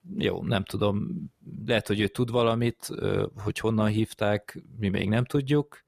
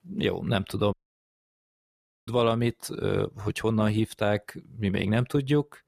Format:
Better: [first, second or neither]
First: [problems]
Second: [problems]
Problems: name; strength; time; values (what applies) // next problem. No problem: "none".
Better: first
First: none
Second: audio cutting out; at 1 s for 1.5 s